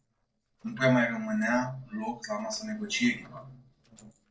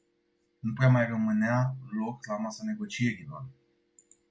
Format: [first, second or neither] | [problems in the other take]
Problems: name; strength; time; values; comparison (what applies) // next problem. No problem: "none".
second | noise reduction (neural separator model SepFormer DNS4)